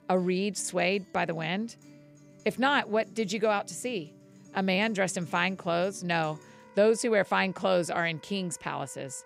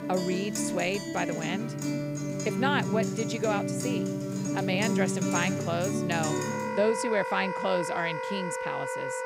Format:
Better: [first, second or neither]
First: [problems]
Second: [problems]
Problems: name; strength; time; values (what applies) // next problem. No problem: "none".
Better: first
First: background music; faint; throughout; 25 dB below the speech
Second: background music; loud; throughout; as loud as the speech